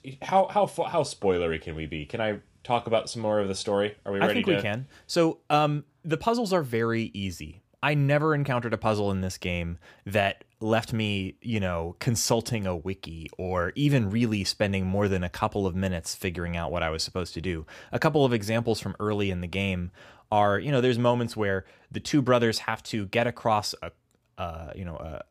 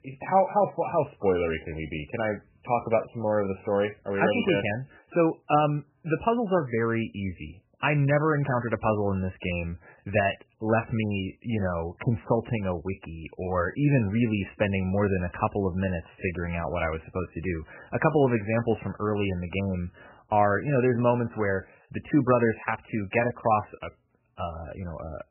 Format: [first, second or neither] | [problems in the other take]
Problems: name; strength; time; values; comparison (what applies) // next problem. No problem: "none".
first | garbled, watery; badly; nothing above 3 kHz